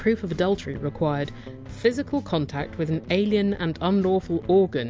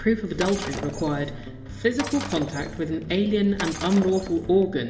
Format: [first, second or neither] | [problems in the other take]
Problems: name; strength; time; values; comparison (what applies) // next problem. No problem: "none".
first | background sound (Shatter); 13 dB below the speech // room echo; dies away in 1.1 s